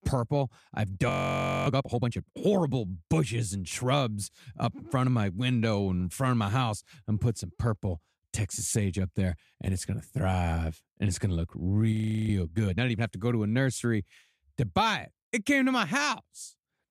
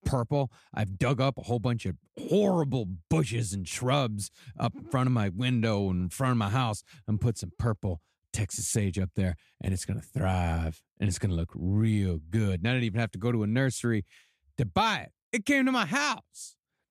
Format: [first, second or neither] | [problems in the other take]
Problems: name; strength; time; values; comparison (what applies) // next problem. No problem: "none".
second | audio freezing; at 1 s for 0.5 s and at 12 s